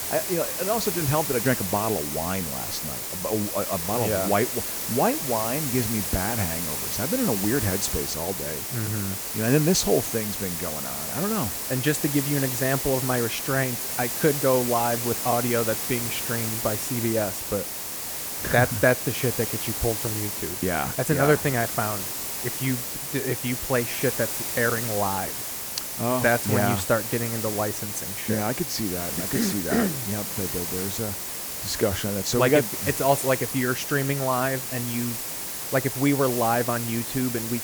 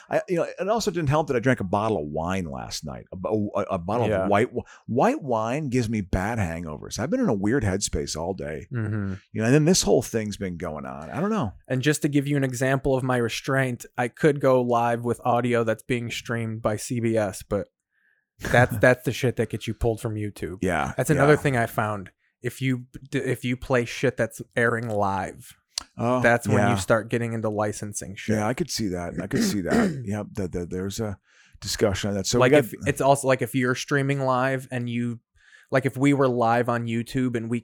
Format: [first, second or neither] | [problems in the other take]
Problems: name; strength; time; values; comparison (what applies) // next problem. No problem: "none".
second | hiss; loud; throughout; 2 dB below the speech